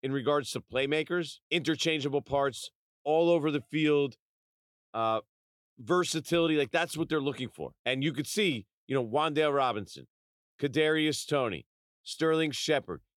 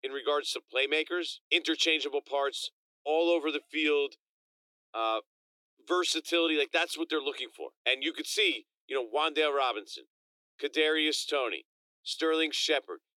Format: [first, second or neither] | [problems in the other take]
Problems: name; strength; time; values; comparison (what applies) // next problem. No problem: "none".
first | thin; somewhat; fading below 300 Hz